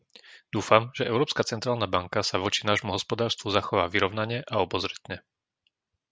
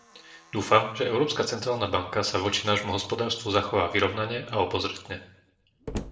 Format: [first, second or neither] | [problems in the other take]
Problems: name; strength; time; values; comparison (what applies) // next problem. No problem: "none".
first | background sound (Slam); 18 dB below the speech // room echo; dies away in 0.6 s